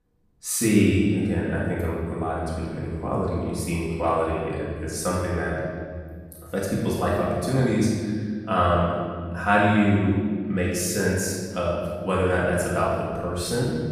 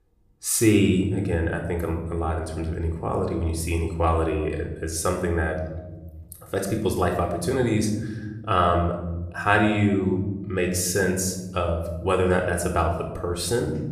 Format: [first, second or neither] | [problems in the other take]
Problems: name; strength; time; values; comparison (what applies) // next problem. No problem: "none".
second | room echo; strong; dies away in 1.8 s; slight in the second // off-mic speech; far